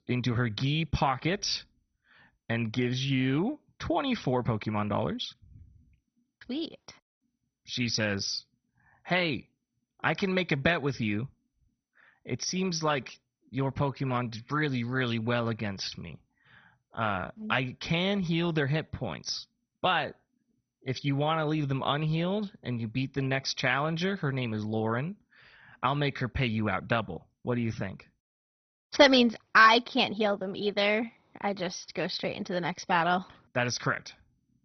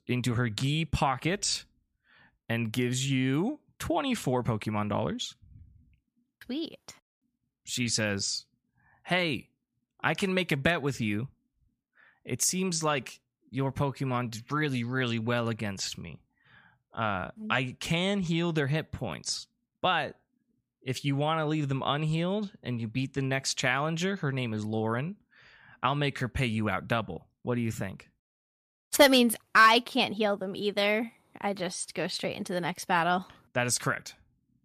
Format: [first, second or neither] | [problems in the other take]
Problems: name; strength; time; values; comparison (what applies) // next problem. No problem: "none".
second | garbled, watery; badly; nothing above 6 kHz